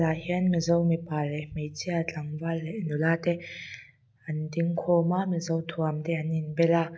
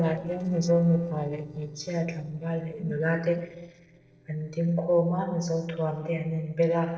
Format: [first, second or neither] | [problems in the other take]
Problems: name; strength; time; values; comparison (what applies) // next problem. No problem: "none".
first | noise reduction (neural separator model SepFormer DNS4)